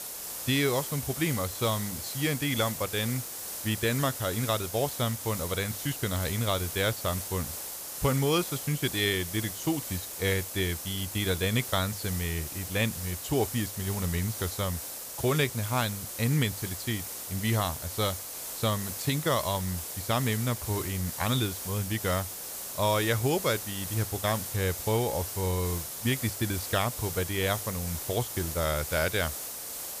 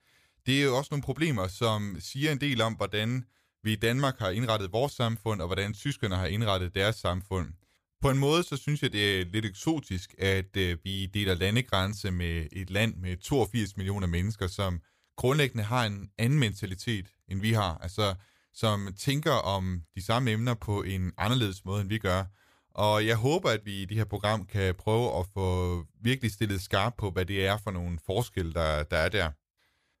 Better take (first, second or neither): second